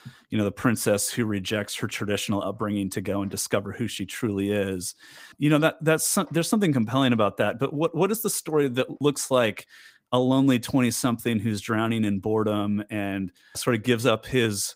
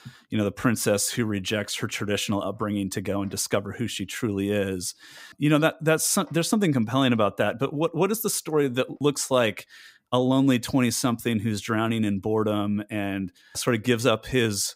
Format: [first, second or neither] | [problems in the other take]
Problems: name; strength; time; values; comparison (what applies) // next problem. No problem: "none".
second | garbled, watery; slightly; nothing above 15.5 kHz